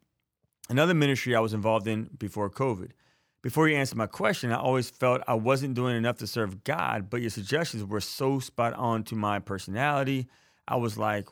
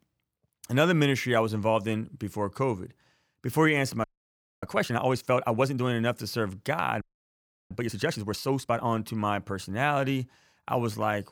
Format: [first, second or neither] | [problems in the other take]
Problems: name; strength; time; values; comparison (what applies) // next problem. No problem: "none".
first | audio freezing; at 4 s for 0.5 s and at 7 s for 0.5 s